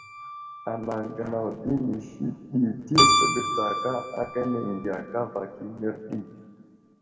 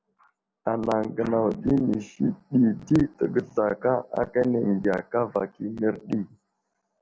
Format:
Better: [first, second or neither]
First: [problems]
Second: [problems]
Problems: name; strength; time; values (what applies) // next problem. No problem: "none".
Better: second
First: background sound (Keyboard (musical)); as loud as the speech // room echo; dies away in 1.7 s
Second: none